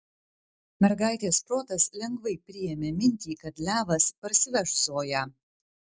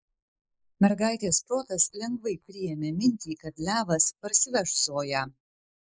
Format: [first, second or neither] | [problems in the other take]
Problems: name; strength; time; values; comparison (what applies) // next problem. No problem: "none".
first | noise reduction (neural mask model Resemble Enhance denoiser)